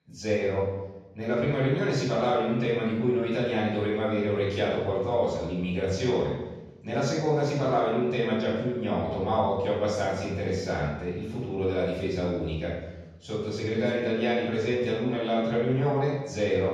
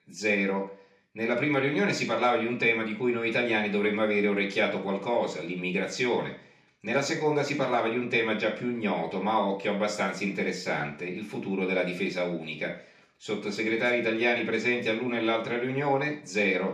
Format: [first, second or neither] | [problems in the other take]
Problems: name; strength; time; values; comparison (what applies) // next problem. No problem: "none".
second | room echo; strong; dies away in 1.3 s; slight in the second // off-mic speech; far; far in the second